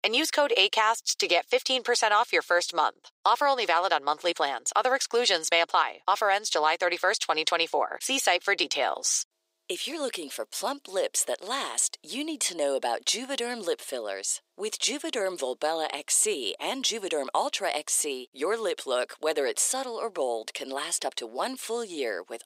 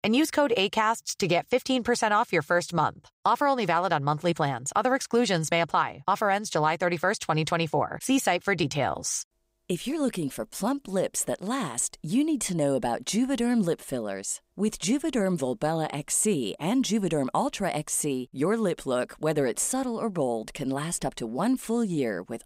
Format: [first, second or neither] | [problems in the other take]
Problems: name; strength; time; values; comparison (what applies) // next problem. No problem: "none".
second | thin; very; fading below 400 Hz